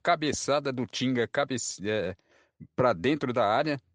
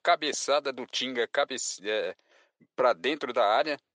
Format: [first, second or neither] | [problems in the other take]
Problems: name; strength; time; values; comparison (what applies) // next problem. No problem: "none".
first | thin; somewhat; fading below 500 Hz